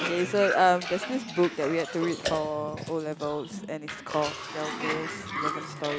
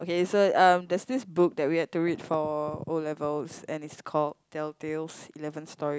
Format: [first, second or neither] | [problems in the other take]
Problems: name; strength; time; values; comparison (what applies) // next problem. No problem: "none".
second | background sound (Cough); 6 dB below the speech